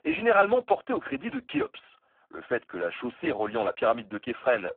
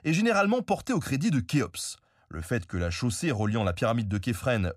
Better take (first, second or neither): second